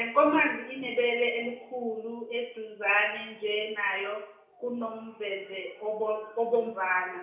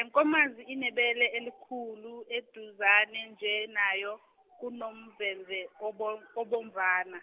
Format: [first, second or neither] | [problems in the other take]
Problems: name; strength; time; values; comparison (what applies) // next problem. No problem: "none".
second | room echo; dies away in 0.6 s